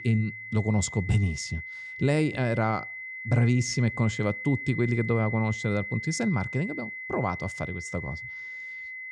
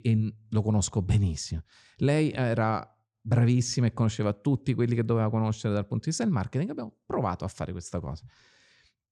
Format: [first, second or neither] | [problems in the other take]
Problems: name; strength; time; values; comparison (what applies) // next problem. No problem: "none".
second | high-pitched whine; loud; throughout; 2 kHz, 8 dB below the speech